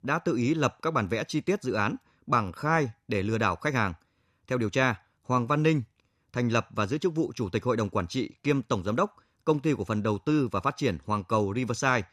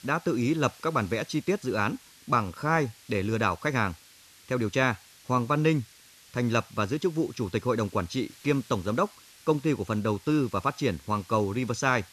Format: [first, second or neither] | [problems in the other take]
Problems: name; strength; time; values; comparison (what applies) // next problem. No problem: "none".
first | hiss; faint; throughout; 25 dB below the speech